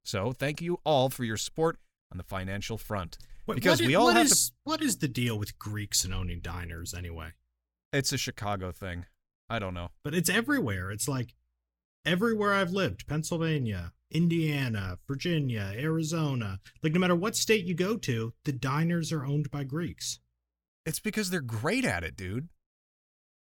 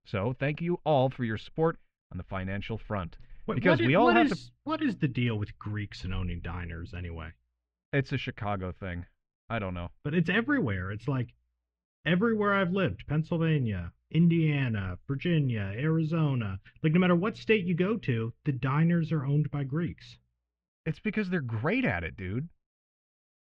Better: first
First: none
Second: muffled; very; fading above 2.5 kHz

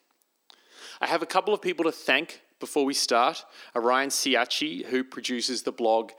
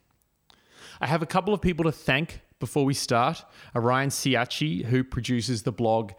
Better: second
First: thin; somewhat; fading below 250 Hz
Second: none

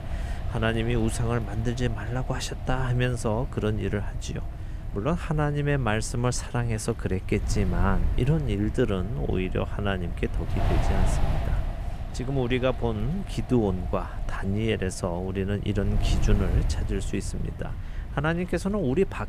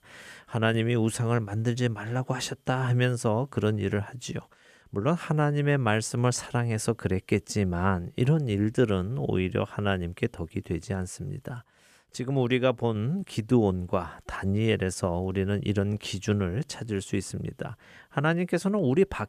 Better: second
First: wind noise on the microphone; occasional gusts; 10 dB below the speech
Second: none

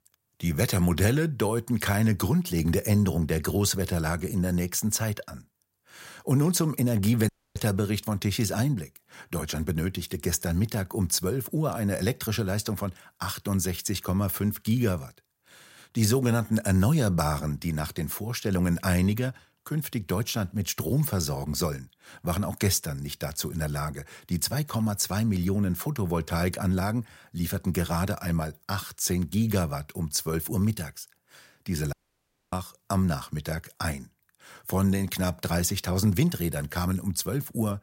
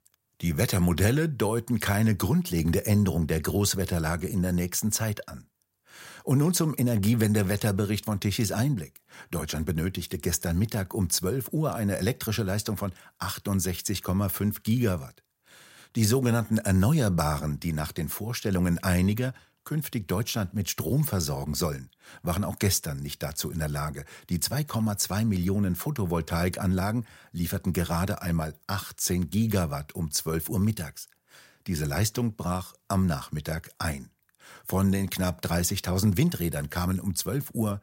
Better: second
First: audio cutting out; at 7.5 s and at 32 s for 0.5 s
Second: none

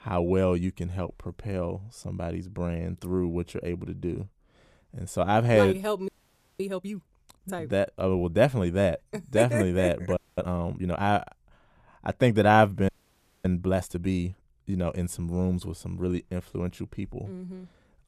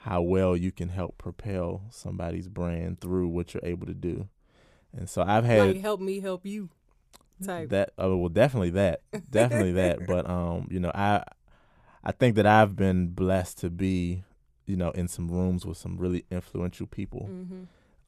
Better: second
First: audio freezing; at 6 s for 0.5 s, at 10 s and at 13 s for 0.5 s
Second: none

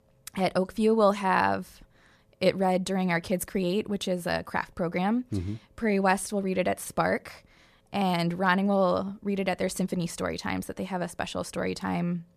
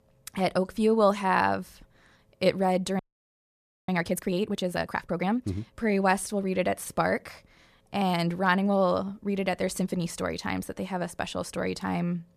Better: first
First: none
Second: audio freezing; at 3 s for 1 s

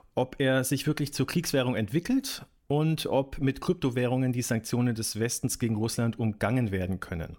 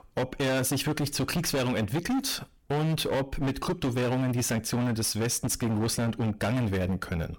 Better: first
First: none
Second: distortion; heavy; 27% of the sound clipped

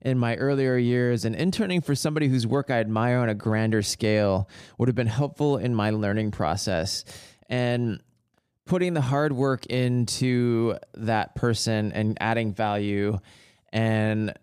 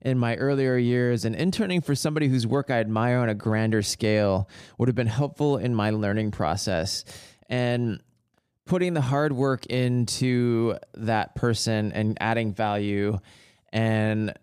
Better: neither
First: none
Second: none

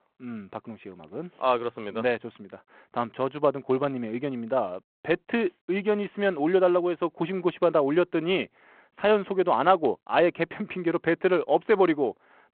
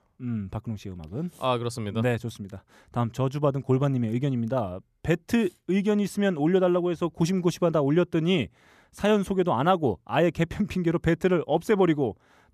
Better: second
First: phone-call audio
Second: none

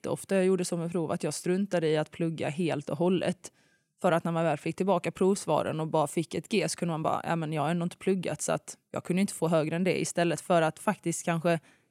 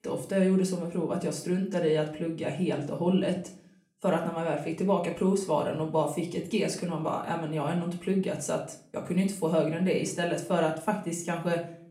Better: first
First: none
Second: off-mic speech; far // room echo; slight; dies away in 0.4 s

